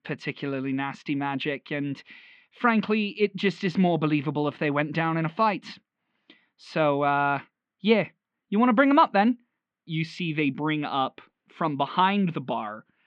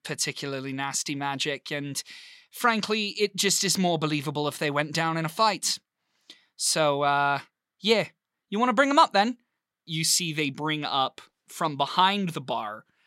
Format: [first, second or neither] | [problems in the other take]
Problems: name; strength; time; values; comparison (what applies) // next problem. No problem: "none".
second | muffled; very; fading above 2.5 kHz